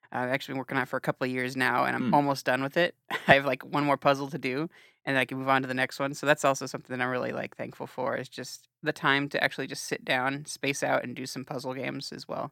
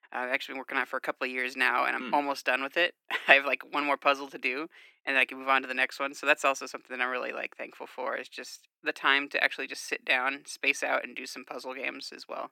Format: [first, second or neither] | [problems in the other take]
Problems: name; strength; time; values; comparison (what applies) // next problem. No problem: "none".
first | thin; somewhat; fading below 300 Hz